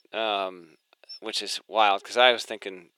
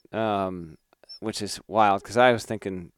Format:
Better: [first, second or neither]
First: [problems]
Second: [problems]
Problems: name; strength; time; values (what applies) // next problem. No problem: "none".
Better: second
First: thin; somewhat; fading below 450 Hz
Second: none